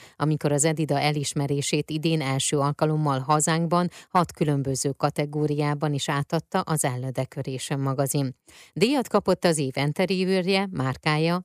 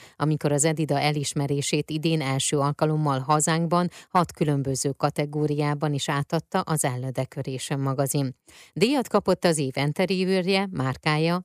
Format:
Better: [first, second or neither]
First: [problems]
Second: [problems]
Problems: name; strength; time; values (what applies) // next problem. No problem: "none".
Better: neither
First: none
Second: none